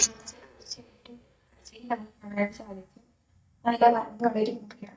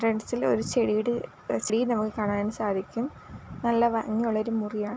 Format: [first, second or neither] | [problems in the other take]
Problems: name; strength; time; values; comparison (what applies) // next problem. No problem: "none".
second | noise reduction (neural mask model DeepFilterNet 3)